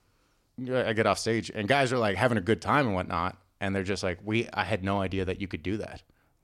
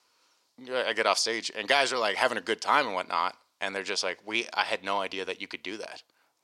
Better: first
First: none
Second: thin; somewhat; fading below 450 Hz

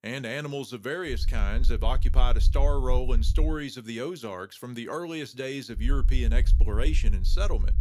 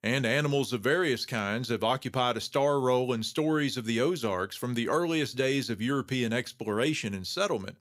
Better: second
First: low rumble; noticeable; from 1 to 3.5 s and from 6 s on; 15 dB below the speech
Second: none

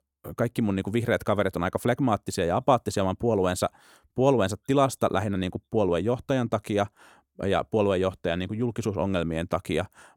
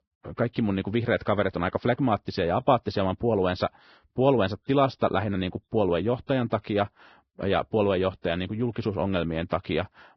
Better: first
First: none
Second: garbled, watery; badly; nothing above 5.5 kHz

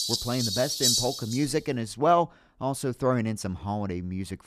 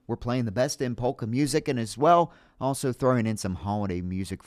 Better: second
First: animal sounds; very loud; until 1.5 s; 2 dB above the speech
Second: none

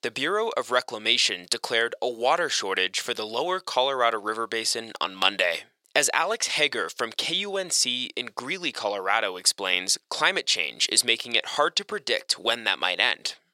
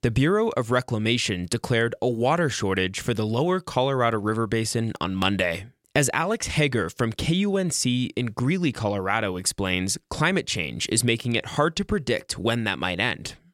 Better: second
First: thin; very; fading below 600 Hz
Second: none

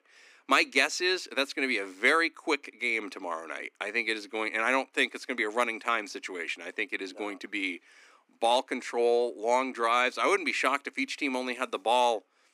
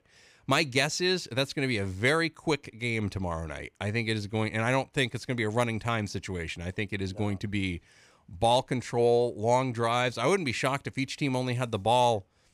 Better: second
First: thin; somewhat; fading below 250 Hz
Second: none

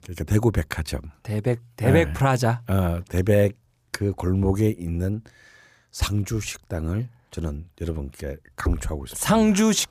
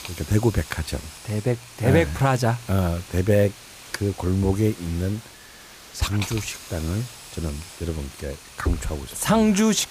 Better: first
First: none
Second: hiss; noticeable; throughout; 15 dB below the speech

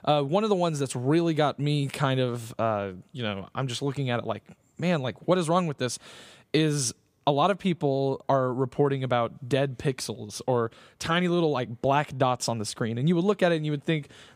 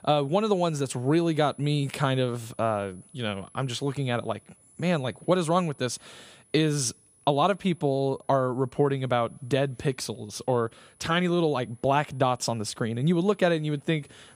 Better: first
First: none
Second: high-pitched whine; faint; throughout; 10 kHz, 30 dB below the speech

